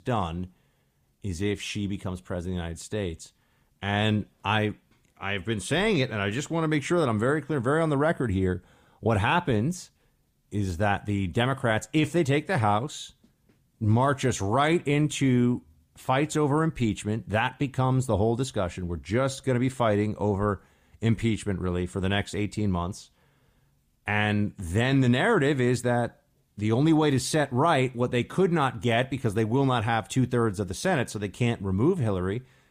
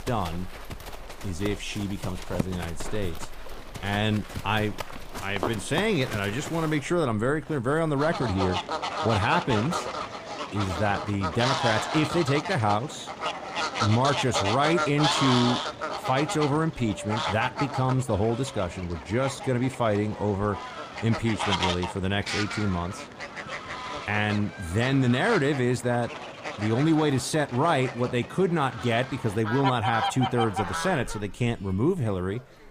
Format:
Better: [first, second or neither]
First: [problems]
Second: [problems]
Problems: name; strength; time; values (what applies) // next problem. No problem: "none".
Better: first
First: none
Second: animal sounds; loud; throughout; 5 dB below the speech